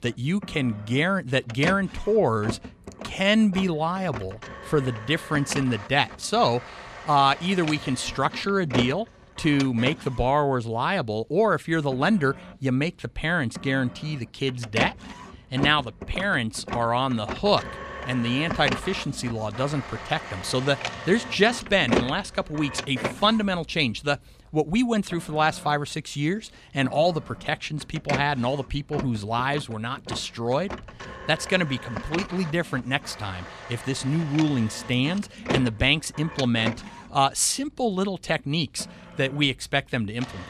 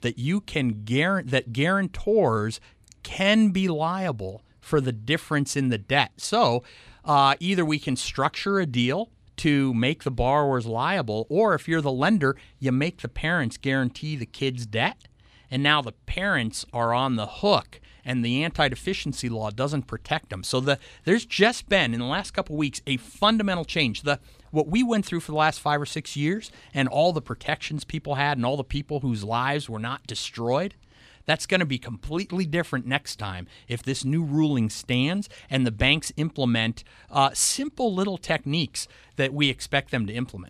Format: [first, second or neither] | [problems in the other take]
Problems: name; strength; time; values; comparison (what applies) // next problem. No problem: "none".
second | household noises; noticeable; throughout; 10 dB below the speech